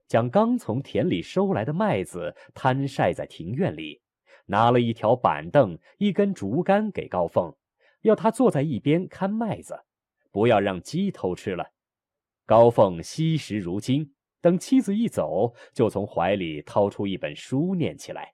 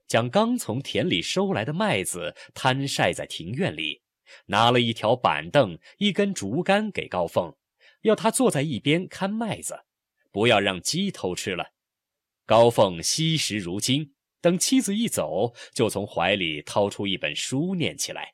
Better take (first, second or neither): second